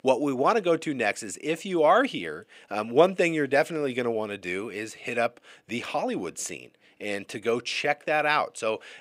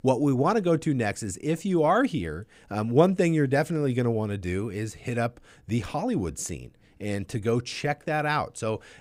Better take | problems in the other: second | thin; somewhat; fading below 300 Hz

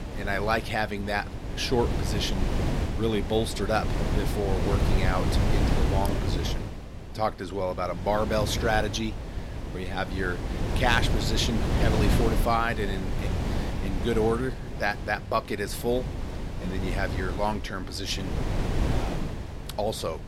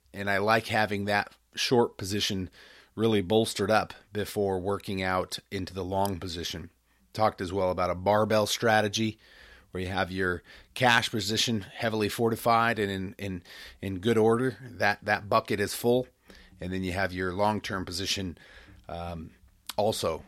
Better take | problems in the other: second | wind noise on the microphone; heavy; 7 dB below the speech

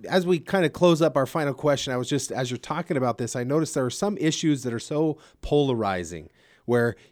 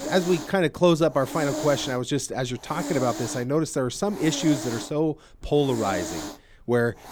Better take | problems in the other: first | hiss; loud; throughout; 9 dB below the speech

